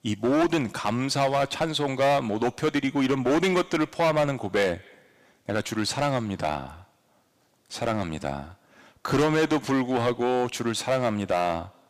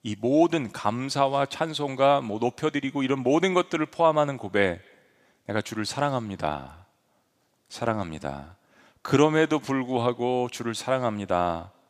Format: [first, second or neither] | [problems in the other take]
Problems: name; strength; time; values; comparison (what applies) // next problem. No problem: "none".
second | distortion; heavy; 8% of the sound clipped